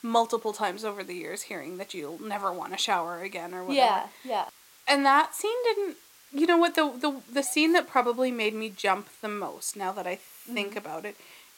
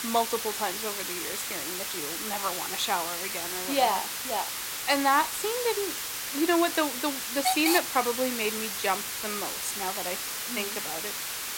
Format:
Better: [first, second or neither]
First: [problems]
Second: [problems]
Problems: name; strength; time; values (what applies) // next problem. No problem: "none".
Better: first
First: hiss; faint; throughout; 25 dB below the speech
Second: hiss; loud; throughout; 1 dB below the speech